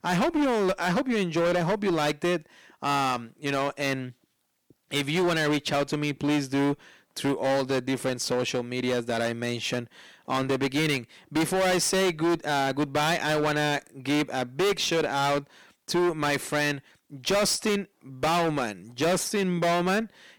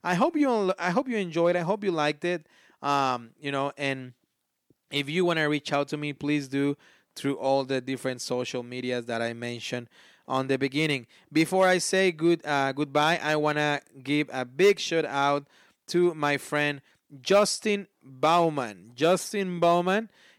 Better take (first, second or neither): second